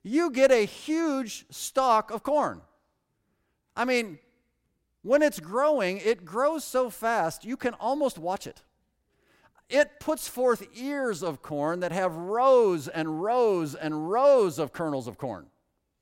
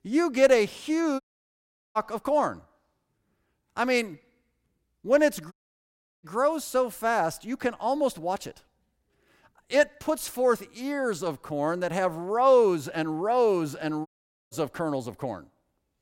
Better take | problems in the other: first | audio cutting out; at 1 s for 1 s, at 5.5 s for 0.5 s and at 14 s

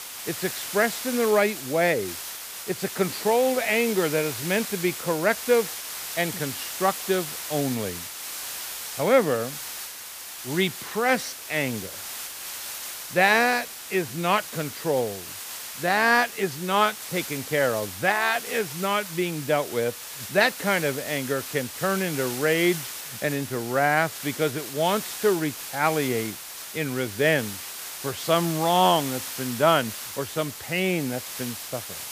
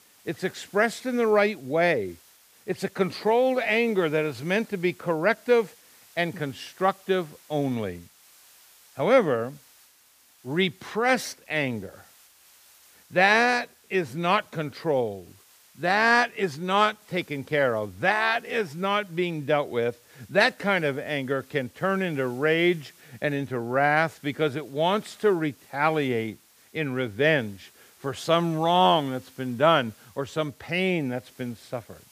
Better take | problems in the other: second | hiss; loud; throughout; 8 dB below the speech; faint in the second

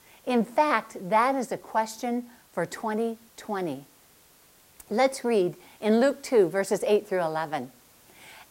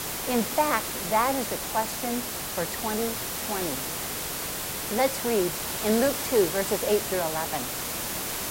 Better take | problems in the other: first | hiss; loud; throughout; 2 dB below the speech; faint in the first

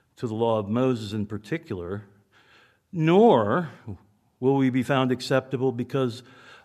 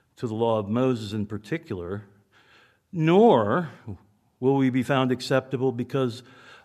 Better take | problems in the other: neither | none

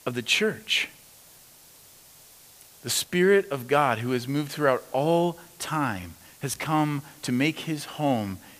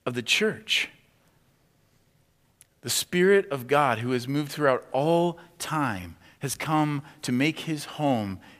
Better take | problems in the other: second | hiss; faint; throughout; 25 dB below the speech

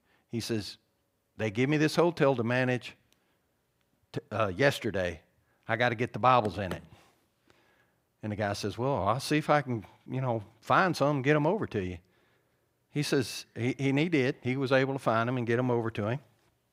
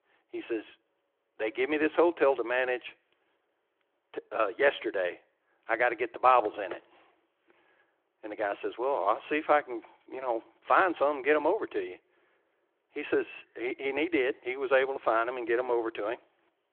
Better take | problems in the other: first | phone-call audio

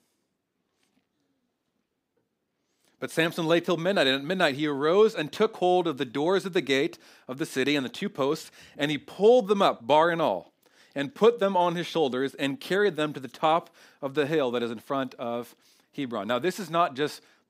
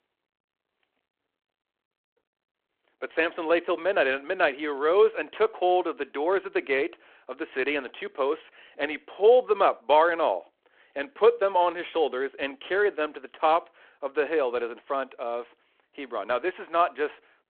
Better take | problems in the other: first | phone-call audio

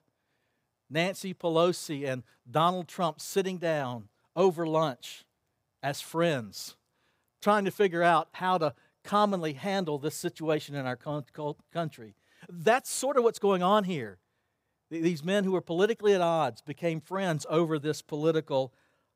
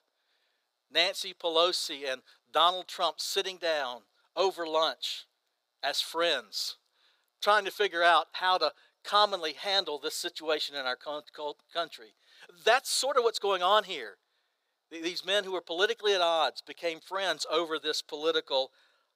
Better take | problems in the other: first | thin; very; fading below 450 Hz

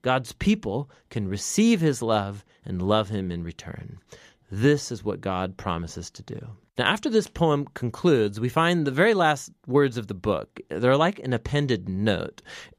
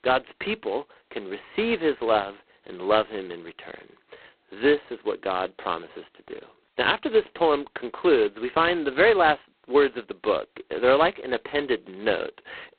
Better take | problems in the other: first | phone-call audio; poor line; nothing above 4 kHz

